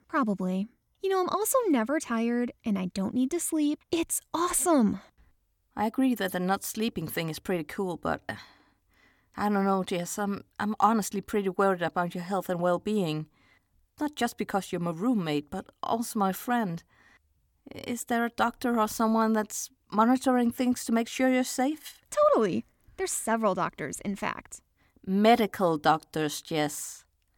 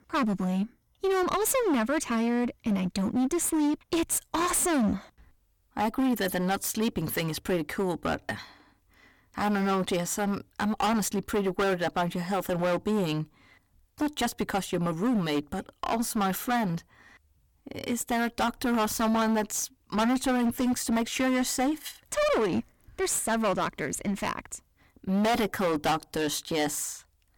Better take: first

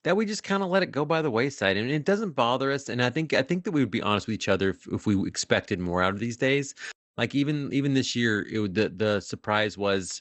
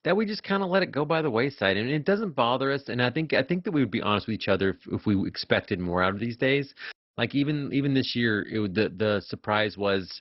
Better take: first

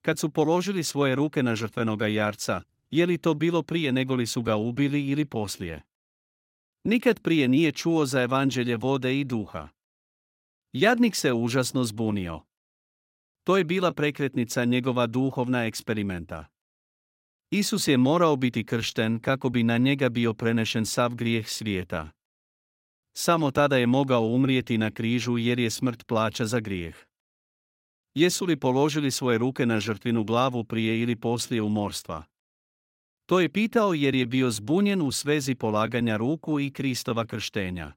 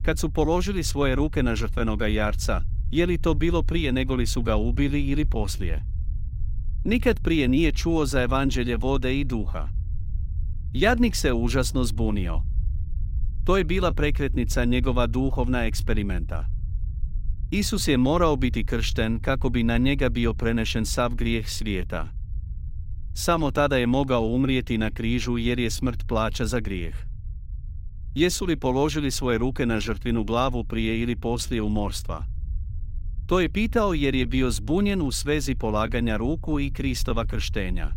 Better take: first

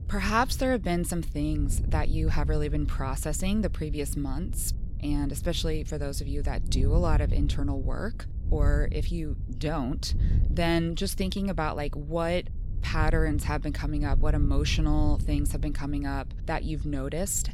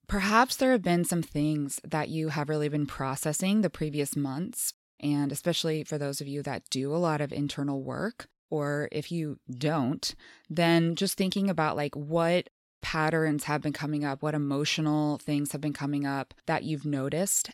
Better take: second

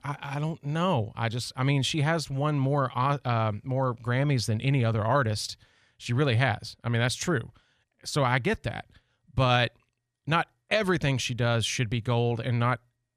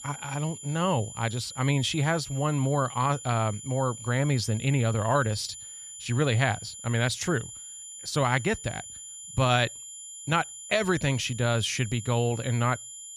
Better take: first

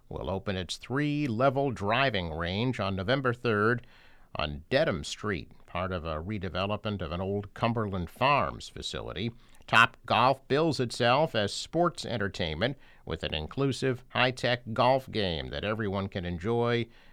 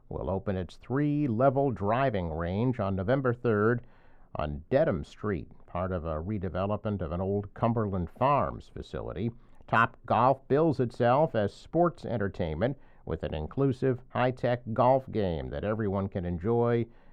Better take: first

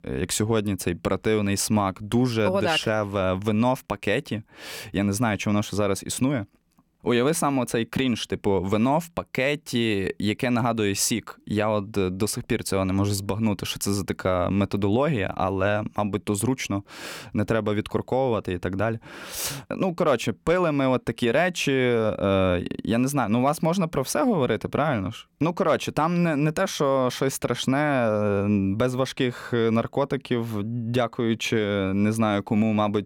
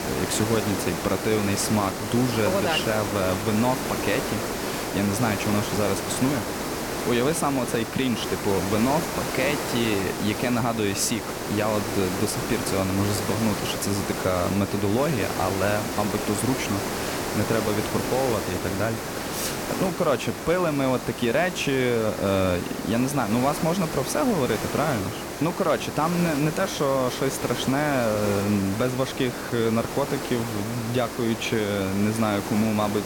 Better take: first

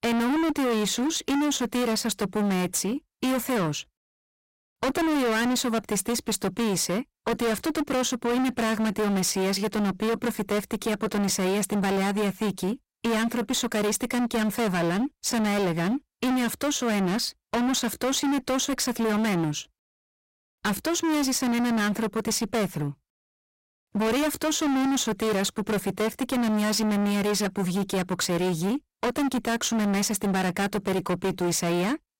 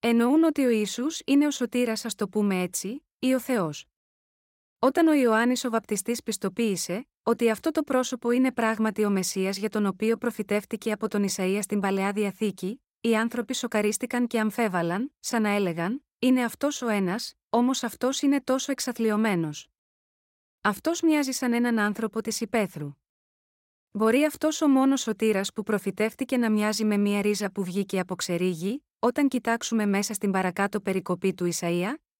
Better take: second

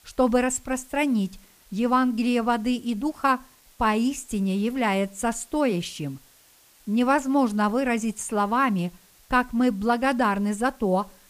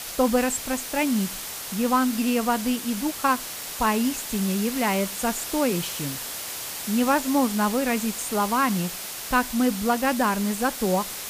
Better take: first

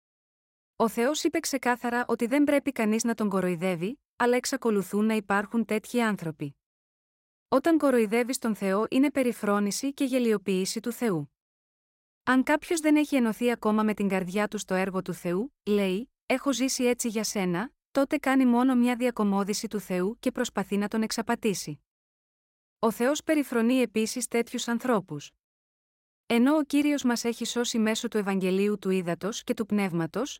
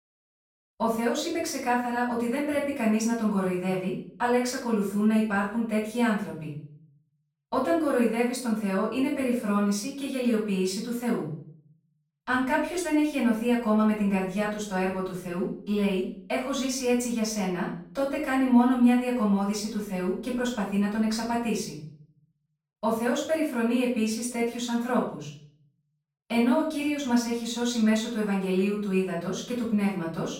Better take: first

